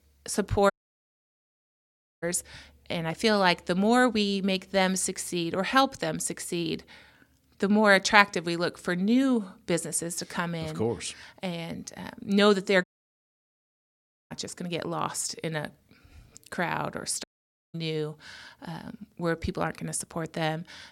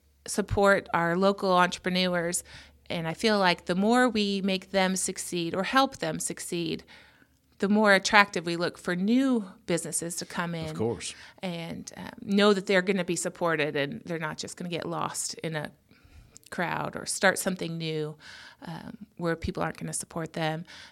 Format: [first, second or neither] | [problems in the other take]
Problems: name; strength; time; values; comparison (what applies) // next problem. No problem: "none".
second | audio cutting out; at 0.5 s for 1.5 s, at 13 s for 1.5 s and at 17 s for 0.5 s